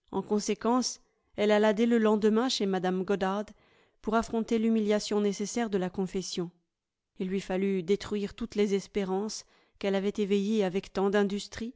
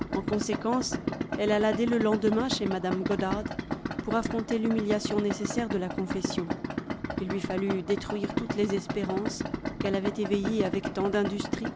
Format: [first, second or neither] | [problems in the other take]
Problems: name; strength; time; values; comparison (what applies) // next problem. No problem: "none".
first | background sound (Idling); 3 dB below the speech